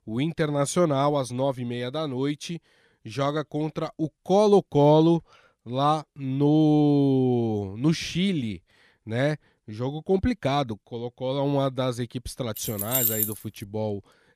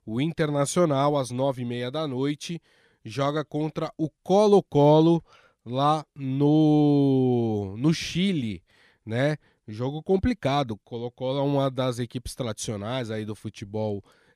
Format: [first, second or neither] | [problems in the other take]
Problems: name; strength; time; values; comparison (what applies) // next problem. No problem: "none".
second | jangling keys; loud; at 13 s; peak 3 dB above the speech